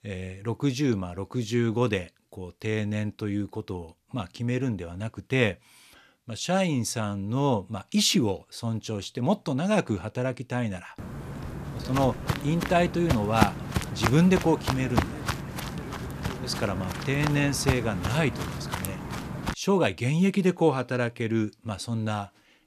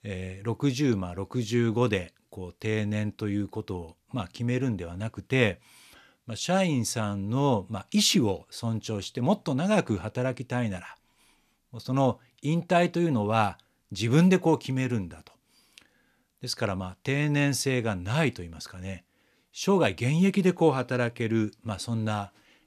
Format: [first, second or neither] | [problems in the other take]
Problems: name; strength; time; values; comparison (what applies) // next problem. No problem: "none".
second | footsteps; loud; from 11 to 20 s; peak 1 dB above the speech